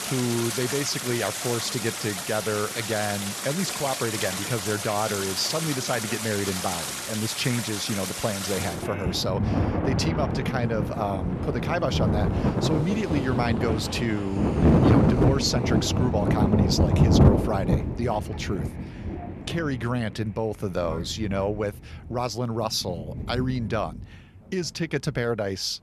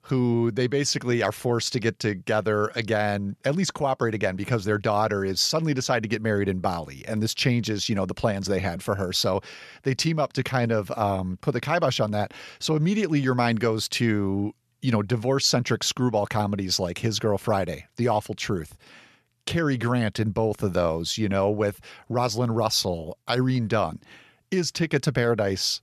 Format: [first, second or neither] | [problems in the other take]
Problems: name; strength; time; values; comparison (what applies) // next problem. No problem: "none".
second | rain or running water; very loud; throughout; 2 dB above the speech